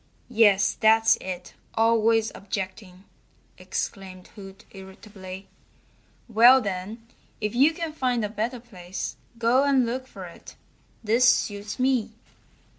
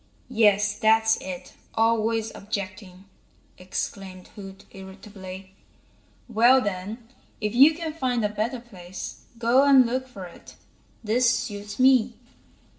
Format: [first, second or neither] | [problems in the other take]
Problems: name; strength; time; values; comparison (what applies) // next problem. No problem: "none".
first | room echo; dies away in 0.6 s